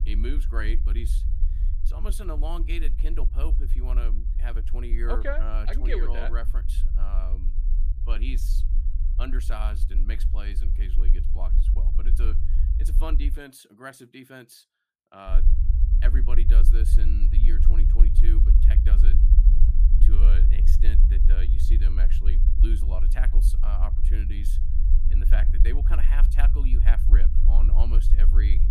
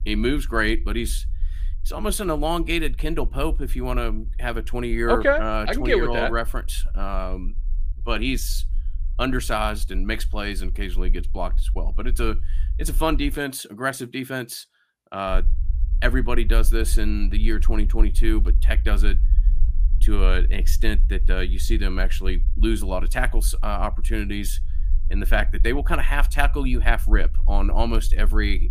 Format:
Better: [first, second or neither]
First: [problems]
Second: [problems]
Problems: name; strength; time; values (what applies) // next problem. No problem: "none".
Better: second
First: low rumble; loud; until 13 s and from 15 s on; 6 dB below the speech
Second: low rumble; faint; until 13 s and from 15 s on; 25 dB below the speech